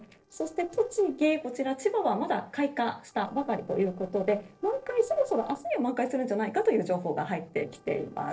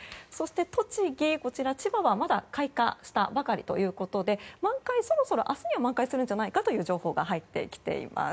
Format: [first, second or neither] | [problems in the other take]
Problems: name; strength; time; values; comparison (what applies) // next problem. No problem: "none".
second | noise reduction (neural separator model SepFormer DNS4)